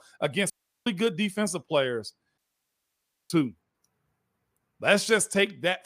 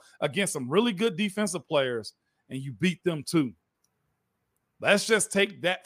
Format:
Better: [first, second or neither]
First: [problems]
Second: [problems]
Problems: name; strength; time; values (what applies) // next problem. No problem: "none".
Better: second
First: audio cutting out; at 0.5 s and at 2.5 s for 1 s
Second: none